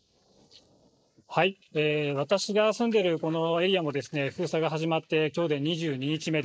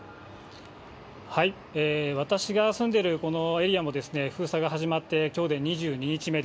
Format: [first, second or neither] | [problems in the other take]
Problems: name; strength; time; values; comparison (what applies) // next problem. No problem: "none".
second | noise reduction (neural mask model Resemble Enhance denoiser)